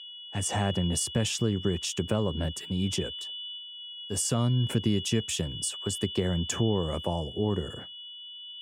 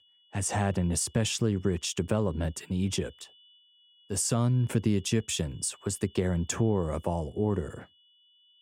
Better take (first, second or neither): second